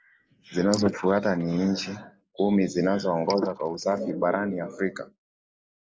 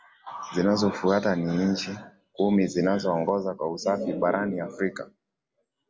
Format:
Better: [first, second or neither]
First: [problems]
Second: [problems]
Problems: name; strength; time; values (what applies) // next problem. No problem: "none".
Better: second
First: noise reduction (neural mask model Resemble Enhance denoiser)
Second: none